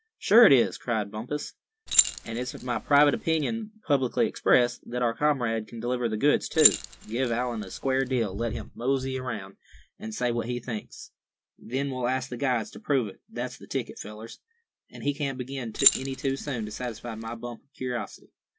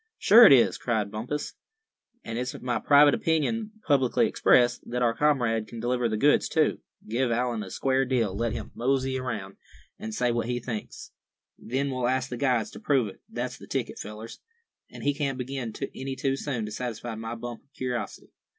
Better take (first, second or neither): second